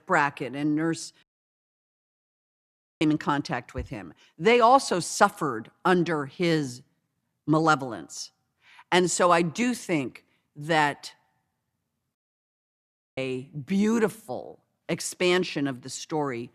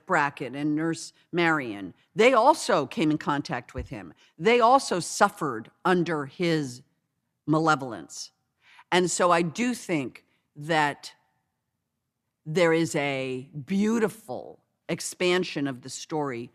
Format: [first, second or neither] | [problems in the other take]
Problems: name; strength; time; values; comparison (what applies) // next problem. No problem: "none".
second | audio cutting out; at 1 s for 2 s and at 12 s for 1 s